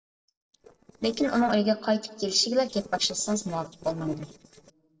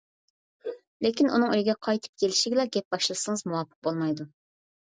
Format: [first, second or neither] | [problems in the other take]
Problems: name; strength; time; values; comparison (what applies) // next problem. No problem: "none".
second | noise reduction (neural separator model SepFormer DNS4)